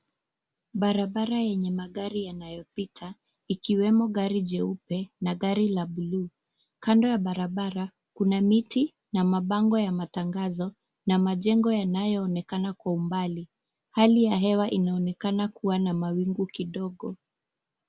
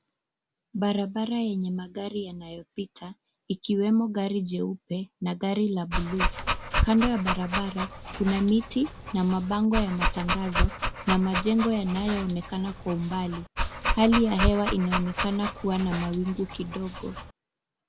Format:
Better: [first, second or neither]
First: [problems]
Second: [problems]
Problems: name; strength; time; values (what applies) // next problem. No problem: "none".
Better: first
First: none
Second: background sound (Dog); 2 dB below the speech